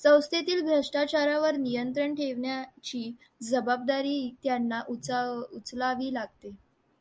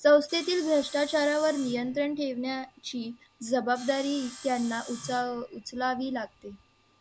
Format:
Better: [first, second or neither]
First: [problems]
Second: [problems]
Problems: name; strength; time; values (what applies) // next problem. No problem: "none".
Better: first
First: none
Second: background sound (Sawing); 20 dB below the speech